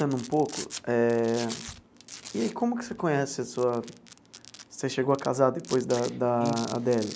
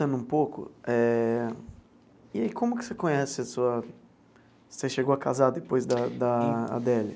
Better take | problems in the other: second | background sound (Domestic sounds, home sounds); 17 dB below the speech

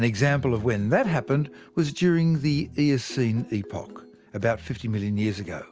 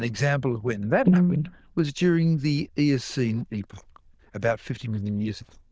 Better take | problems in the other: first | noise reduction (neural diffusion model UNIVERSE++)

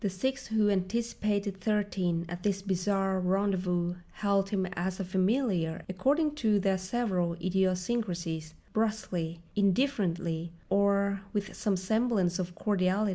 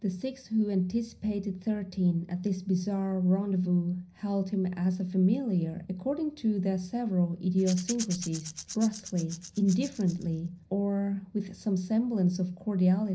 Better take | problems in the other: first | background sound (Rattle / Rattle (instrument)); 14 dB below the speech // room echo; dies away in 0.5 s

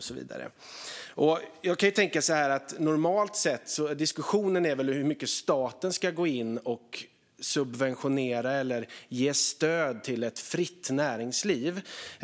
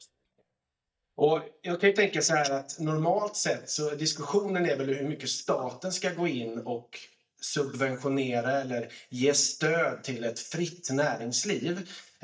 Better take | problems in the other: first | noise reduction (neural mask model DeepFilterNet 3)

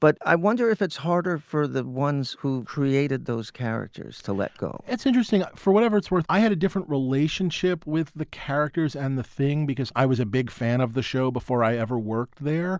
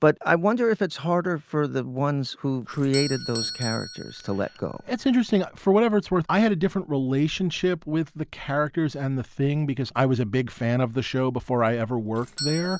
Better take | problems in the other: first | background sound (Doorbell); 17 dB below the speech

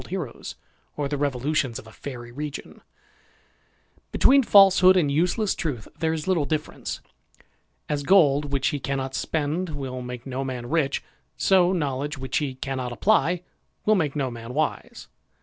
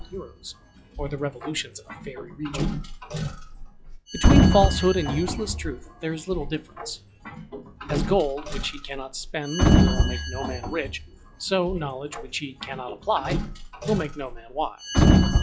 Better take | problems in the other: first | noise reduction (classical method log-MMSE)

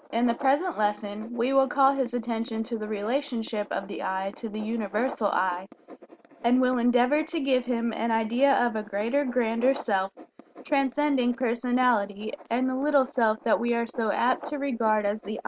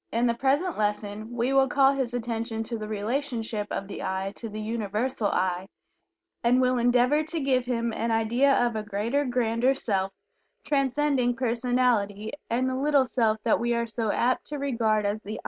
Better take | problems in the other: second | background sound (Writing); 20 dB below the speech

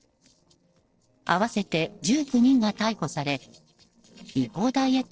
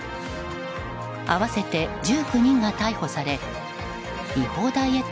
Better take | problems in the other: second | noise reduction (neural separator model SepFormer DNS4)

